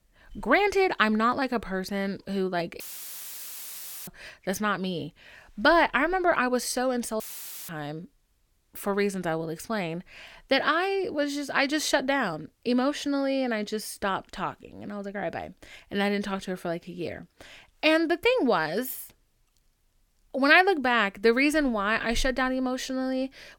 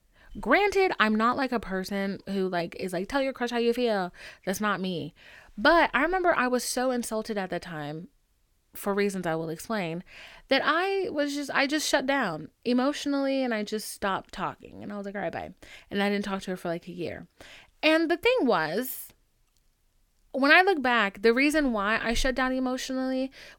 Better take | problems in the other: second | audio cutting out; filled with static; at 3 s for 1.5 s and at 7 s

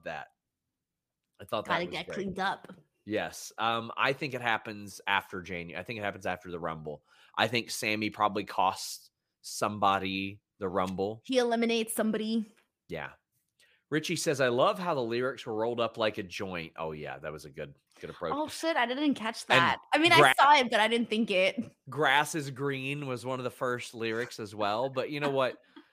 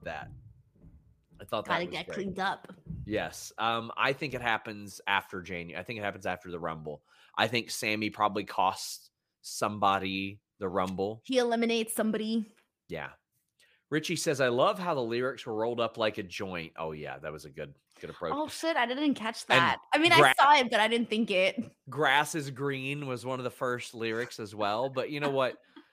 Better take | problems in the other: first | footsteps; faint; until 4.5 s; peak 15 dB below the speech

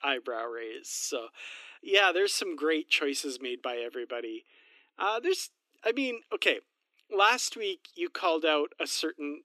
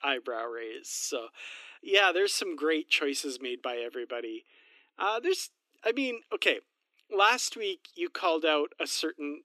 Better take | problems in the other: neither | thin; somewhat; fading below 250 Hz; the same in both

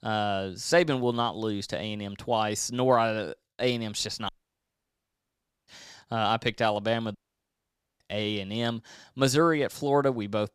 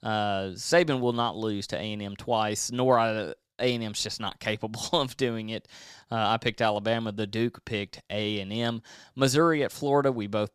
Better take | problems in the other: second | audio cutting out; at 4.5 s for 1.5 s and at 7 s for 1 s

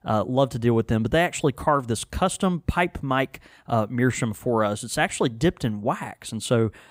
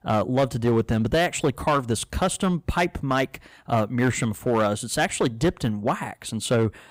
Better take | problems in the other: first | distortion; slight; 6% of the sound clipped

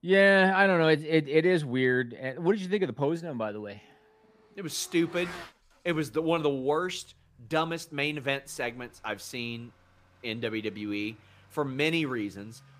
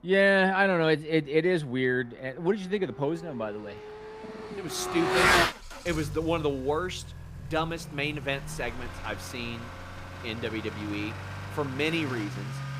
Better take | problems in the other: first | traffic noise; loud; throughout; 4 dB below the speech; faint in the first

